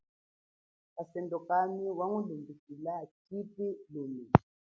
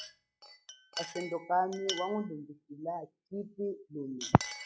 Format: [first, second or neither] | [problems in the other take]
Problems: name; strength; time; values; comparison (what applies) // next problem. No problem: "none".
first | noise reduction (classical method log-MMSE)